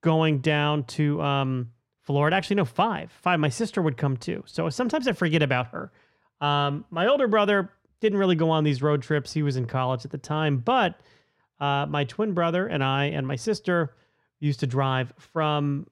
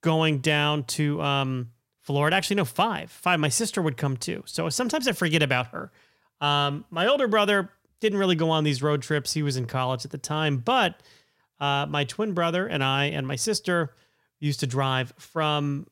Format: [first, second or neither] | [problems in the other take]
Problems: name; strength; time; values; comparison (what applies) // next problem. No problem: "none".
second | muffled; slightly; fading above 1.5 kHz